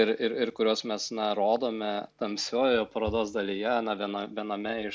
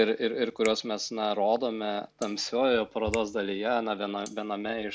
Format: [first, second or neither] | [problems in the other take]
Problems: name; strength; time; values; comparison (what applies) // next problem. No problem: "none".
first | background sound (Finger snapping + Cutlery, silverware); 20 dB below the speech